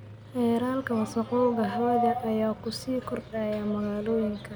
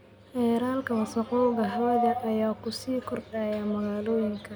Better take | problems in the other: second | background sound (Engine starting); 19 dB below the speech

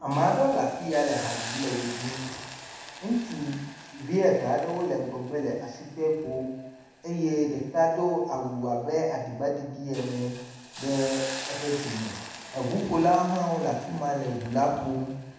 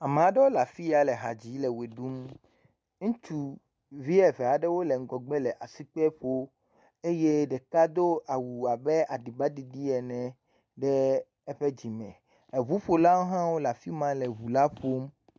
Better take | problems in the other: second | background sound (Hiss); 14 dB below the speech // room echo; dies away in 1 s

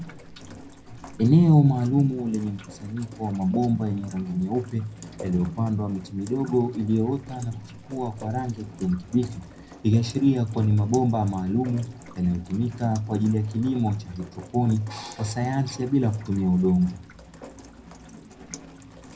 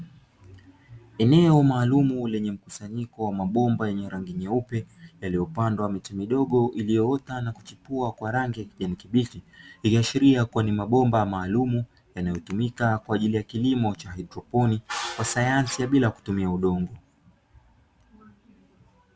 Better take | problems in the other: second | background sound (Rain); 19 dB below the speech // room echo; dies away in 0.4 s

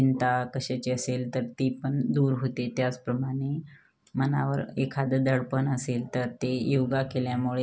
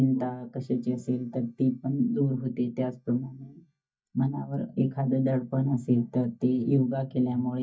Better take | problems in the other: first | noise reduction (neural mask model DeepFilterNet 3)

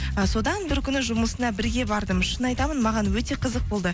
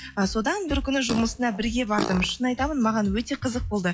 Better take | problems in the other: first | noise reduction (classical method log-MMSE)

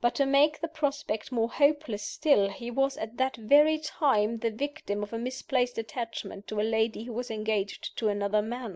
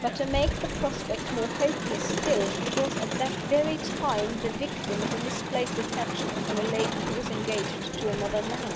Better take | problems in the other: first | background sound (Crowd); as loud as the speech

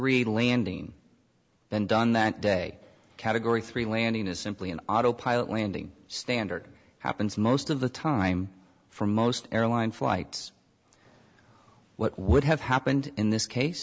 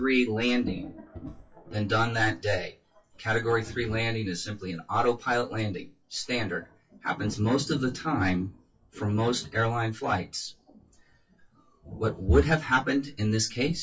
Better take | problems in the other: first | noise reduction (classical method WPE with log-MMSE)

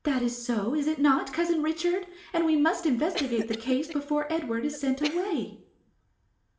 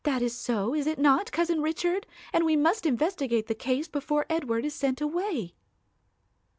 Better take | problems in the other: second | background sound (Cough); 13 dB below the speech // room echo; dies away in 0.5 s

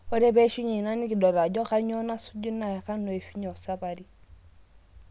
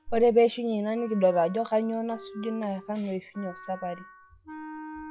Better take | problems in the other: first | noise reduction (classical method log-MMSE)

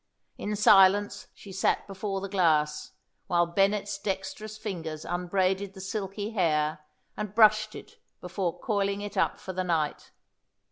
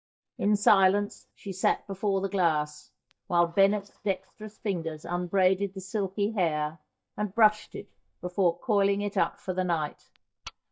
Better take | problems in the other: first | noise reduction (neural mask model DeepFilterNet 3)

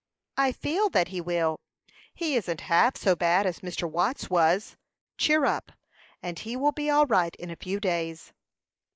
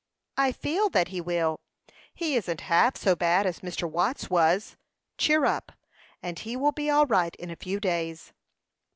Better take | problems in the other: second | noise reduction (neural mask model Resemble Enhance denoiser)

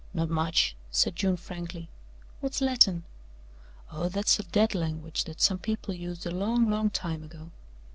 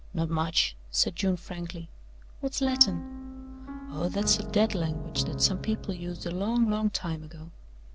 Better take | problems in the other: first | background sound (Piano); 7 dB below the speech

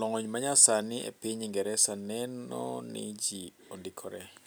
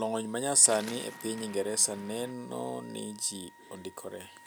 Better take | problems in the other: first | background sound (Waves, surf + Wind instrument, woodwind instrument); 18 dB below the speech

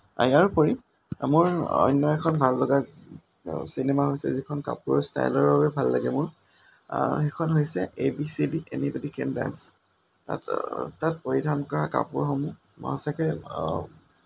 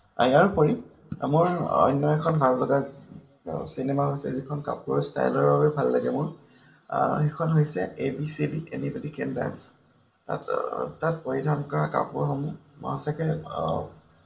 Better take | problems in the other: first | room echo; dies away in 0.5 s

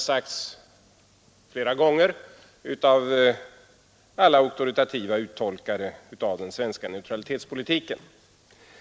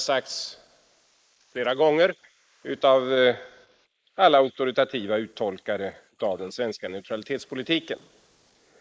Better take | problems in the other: first | noise reduction (neural mask model Resemble Enhance denoiser)

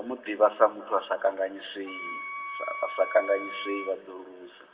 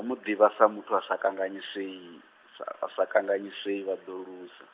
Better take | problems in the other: second | background sound (Wind instrument, woodwind instrument); 9 dB below the speech // room echo; dies away in 1.7 s

